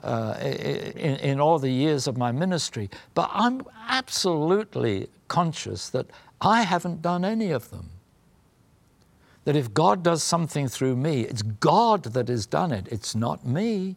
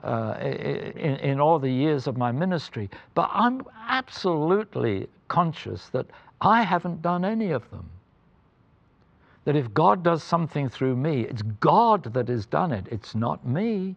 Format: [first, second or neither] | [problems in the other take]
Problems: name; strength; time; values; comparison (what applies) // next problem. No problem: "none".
first | muffled; slightly; fading above 3 kHz